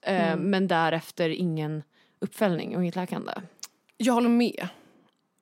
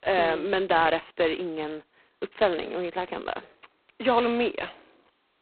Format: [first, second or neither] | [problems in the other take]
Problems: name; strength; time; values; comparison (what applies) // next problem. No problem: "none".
first | phone-call audio; poor line; nothing above 4 kHz